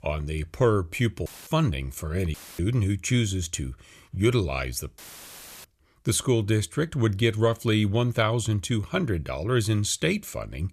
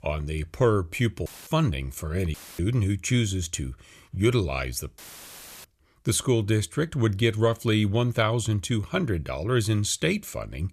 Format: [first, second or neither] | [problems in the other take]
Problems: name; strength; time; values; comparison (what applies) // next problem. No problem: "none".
neither | audio cutting out; filled with static; at 1.5 s, at 2.5 s and at 5 s for 0.5 s; the same in both